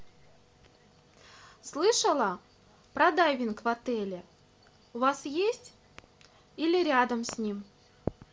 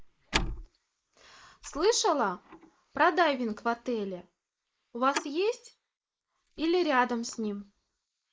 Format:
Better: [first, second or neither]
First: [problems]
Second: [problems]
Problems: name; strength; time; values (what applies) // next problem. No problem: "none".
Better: first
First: none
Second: noise reduction (neural mask model Resemble Enhance denoiser)